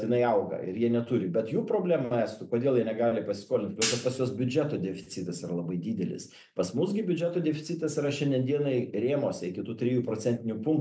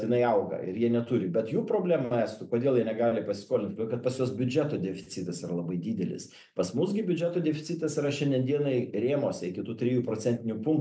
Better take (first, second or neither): second